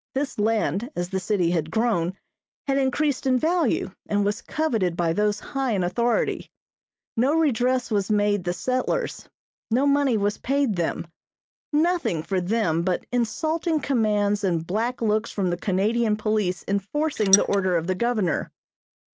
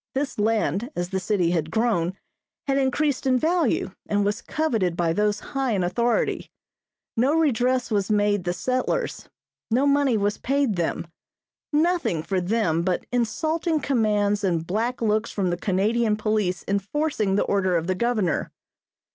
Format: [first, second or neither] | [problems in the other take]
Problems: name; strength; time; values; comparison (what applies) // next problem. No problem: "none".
second | noise reduction (neural mask model Resemble Enhance denoiser)